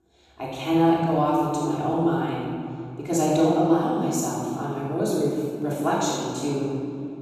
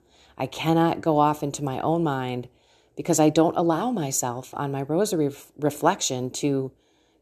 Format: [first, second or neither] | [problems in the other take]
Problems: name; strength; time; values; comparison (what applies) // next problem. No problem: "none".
second | off-mic speech; far // room echo; strong; dies away in 2.3 s